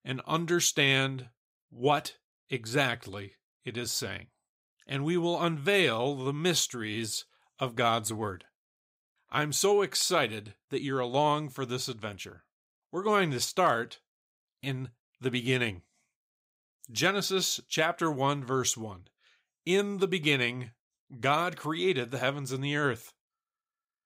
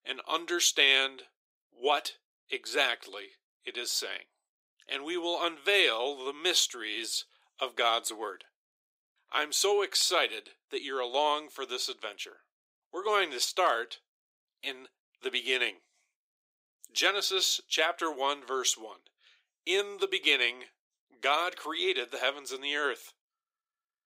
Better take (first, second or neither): first